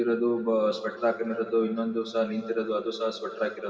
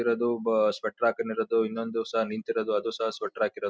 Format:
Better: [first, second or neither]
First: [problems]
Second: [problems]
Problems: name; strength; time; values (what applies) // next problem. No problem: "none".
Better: second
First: room echo; dies away in 2.6 s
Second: none